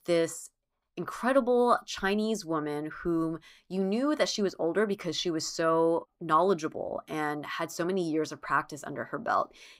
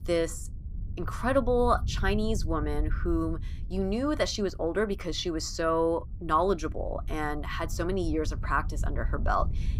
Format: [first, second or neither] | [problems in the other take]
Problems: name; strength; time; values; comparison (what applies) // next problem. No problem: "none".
first | wind noise on the microphone; occasional gusts; 25 dB below the speech